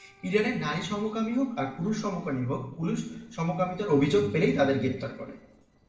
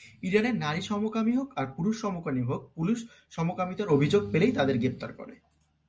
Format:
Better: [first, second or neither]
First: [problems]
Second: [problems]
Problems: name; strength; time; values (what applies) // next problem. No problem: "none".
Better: second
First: noise reduction (neural separator model SepFormer DNS4)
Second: none